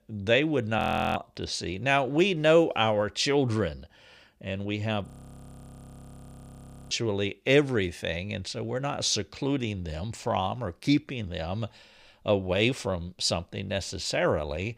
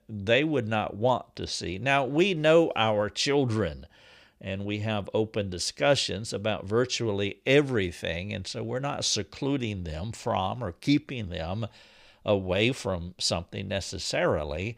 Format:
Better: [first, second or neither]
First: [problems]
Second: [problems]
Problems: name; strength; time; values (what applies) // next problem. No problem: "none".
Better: second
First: audio freezing; at 1 s and at 5 s for 2 s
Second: none